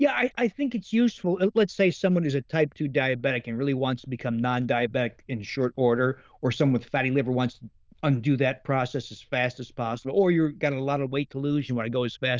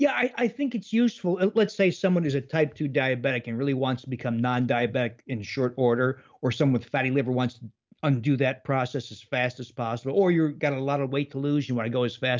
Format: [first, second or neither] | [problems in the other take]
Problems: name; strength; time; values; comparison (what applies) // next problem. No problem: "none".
second | noise reduction (neural diffusion model UNIVERSE++)